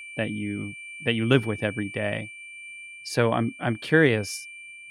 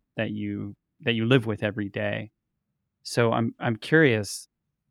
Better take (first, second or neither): second